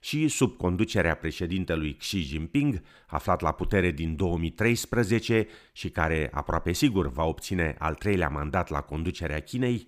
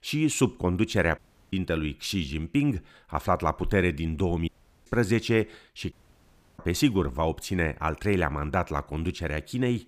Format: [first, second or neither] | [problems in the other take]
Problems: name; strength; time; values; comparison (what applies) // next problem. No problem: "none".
first | audio cutting out; at 1 s, at 4.5 s and at 6 s for 0.5 s